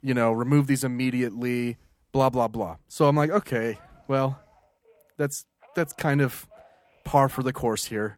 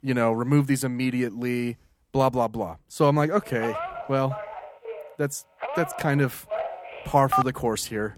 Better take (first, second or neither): first